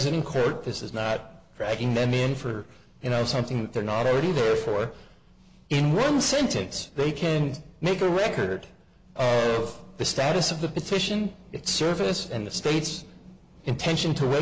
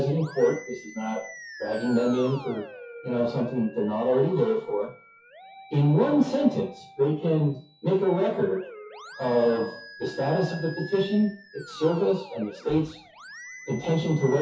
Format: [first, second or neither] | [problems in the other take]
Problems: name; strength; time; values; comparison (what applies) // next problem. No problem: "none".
first | noise reduction (classical method WPE with log-MMSE)